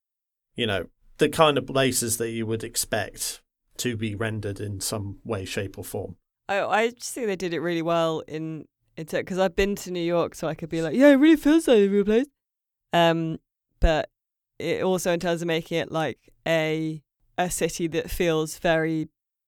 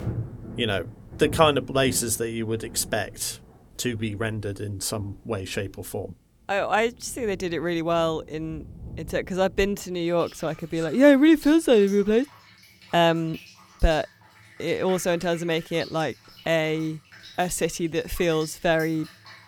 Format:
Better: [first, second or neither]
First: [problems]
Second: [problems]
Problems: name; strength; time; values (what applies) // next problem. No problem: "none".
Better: first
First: none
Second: rain or running water; noticeable; throughout; 20 dB below the speech